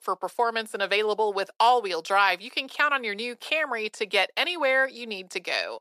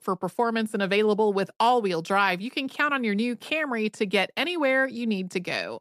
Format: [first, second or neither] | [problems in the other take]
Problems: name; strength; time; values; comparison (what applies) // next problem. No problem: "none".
second | thin; very; fading below 600 Hz